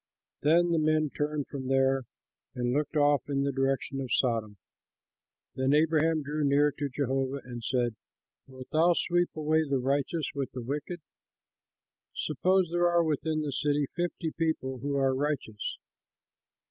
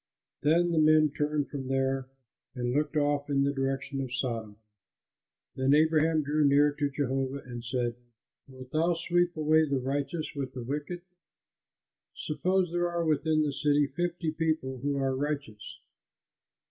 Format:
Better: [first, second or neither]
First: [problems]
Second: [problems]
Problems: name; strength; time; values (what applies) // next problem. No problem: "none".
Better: first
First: none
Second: room echo; dies away in 0.1 s